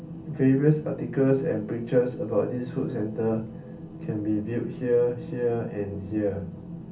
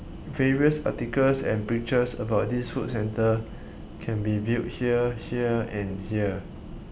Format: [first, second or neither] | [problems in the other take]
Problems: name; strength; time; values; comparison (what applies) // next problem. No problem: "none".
second | room echo; dies away in 0.3 s